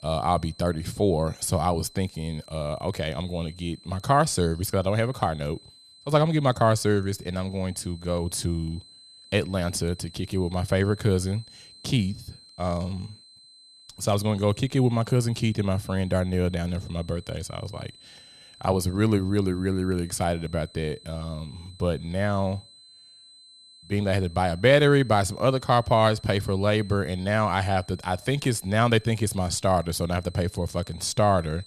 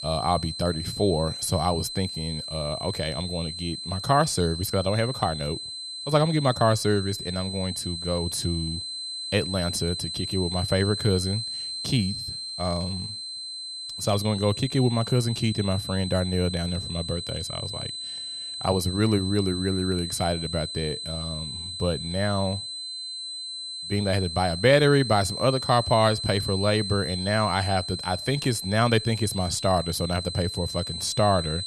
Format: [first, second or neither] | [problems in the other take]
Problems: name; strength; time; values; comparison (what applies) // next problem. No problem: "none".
first | high-pitched whine; loud; throughout; 4 kHz, 6 dB below the speech; faint in the first